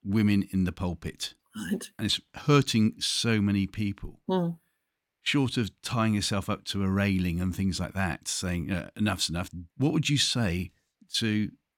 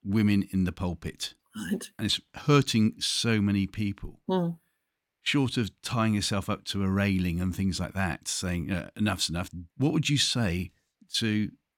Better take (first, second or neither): neither